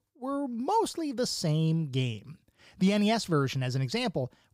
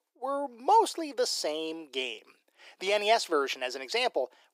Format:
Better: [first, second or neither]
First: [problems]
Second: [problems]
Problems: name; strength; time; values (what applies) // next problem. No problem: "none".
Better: first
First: none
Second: thin; very; fading below 350 Hz